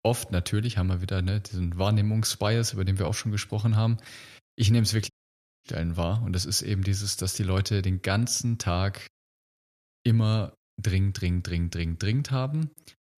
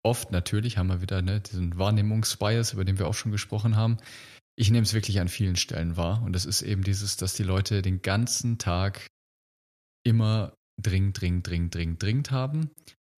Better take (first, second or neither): second